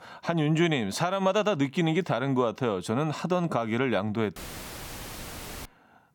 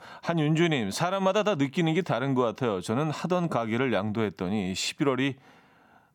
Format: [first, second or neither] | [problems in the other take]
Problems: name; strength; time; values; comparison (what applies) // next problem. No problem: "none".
second | audio cutting out; filled with static; at 4.5 s for 1.5 s